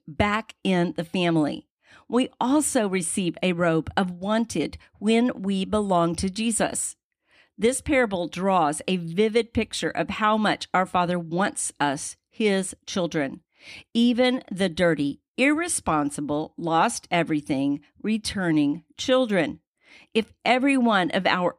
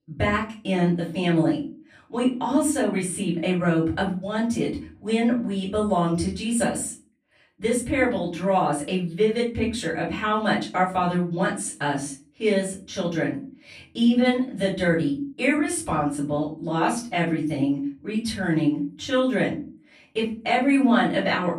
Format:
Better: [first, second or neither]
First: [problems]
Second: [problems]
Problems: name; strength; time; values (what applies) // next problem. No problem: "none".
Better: first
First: none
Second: room echo; slight; dies away in 0.4 s // off-mic speech; far